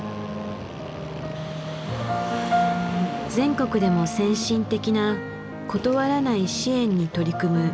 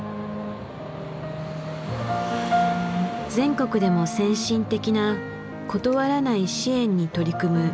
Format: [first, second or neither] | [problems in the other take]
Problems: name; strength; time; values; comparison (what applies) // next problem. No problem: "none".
second | background sound (Drill); 17 dB below the speech